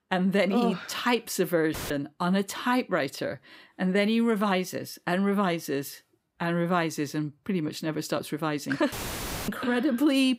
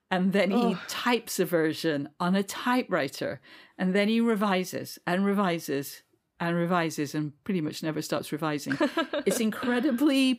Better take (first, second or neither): second